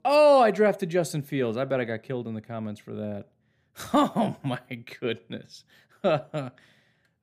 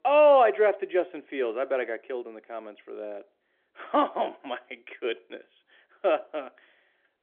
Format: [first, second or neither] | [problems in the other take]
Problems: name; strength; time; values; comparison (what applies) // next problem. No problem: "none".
first | phone-call audio